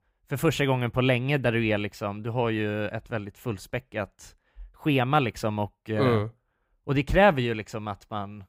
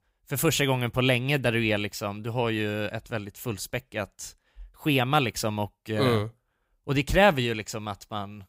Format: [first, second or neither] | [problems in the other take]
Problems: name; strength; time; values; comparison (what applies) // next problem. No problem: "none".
second | muffled; slightly; fading above 3 kHz